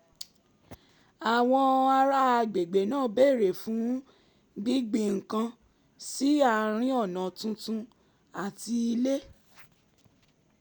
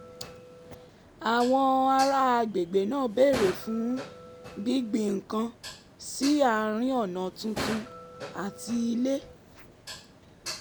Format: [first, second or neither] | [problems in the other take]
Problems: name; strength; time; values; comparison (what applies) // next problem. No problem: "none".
first | background sound (Dishes, pots, and pans); 13 dB below the speech